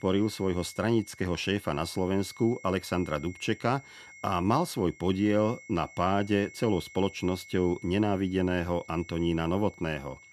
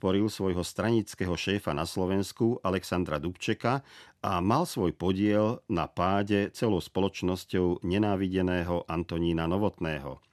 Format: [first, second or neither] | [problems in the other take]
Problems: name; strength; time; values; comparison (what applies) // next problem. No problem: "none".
second | high-pitched whine; faint; throughout; 2 kHz, 20 dB below the speech